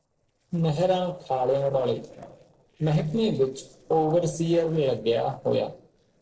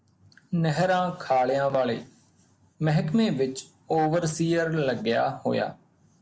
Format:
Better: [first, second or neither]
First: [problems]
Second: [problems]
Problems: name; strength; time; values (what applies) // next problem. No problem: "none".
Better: second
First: noise reduction (neural separator model SepFormer DNS4)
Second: none